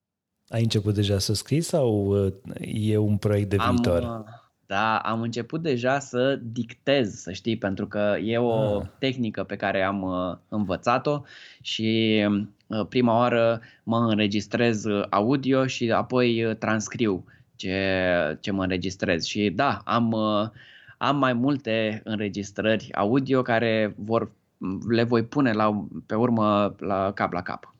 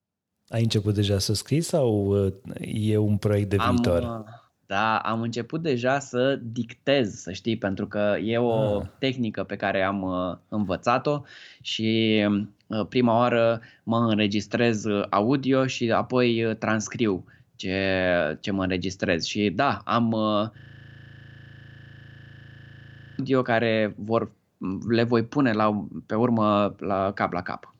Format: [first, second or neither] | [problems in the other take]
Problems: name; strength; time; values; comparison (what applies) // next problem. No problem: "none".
first | audio freezing; at 21 s for 2.5 s